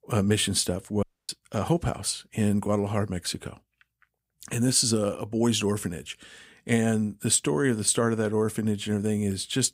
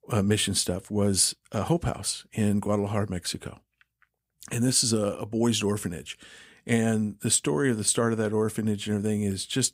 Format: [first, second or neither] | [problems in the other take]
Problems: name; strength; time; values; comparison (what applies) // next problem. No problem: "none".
second | audio cutting out; at 1 s